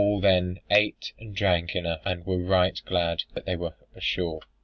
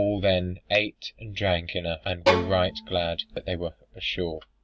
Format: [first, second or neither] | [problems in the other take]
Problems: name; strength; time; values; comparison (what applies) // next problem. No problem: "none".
first | background sound (Bowed string instrument); 2 dB below the speech